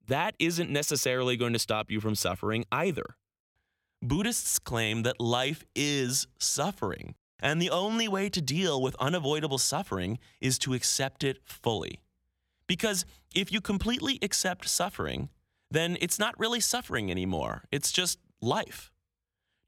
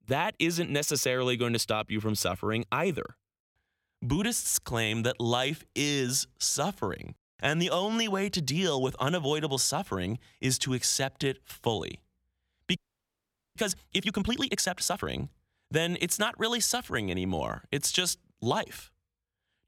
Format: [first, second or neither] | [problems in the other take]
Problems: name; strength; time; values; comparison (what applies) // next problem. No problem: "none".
first | audio freezing; at 13 s for 1 s